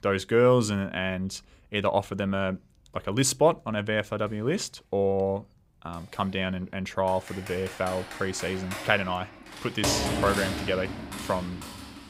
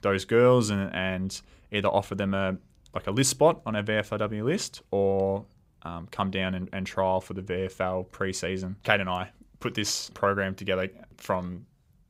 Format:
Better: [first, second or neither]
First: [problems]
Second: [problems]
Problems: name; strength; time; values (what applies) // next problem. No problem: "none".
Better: second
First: keyboard typing; loud; from 7.5 s on; peak 1 dB above the speech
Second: none